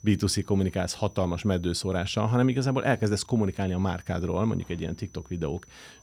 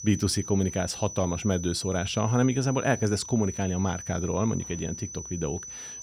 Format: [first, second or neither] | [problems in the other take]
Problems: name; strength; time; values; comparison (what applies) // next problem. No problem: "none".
first | high-pitched whine; loud; throughout; 6 kHz, 10 dB below the speech; faint in the first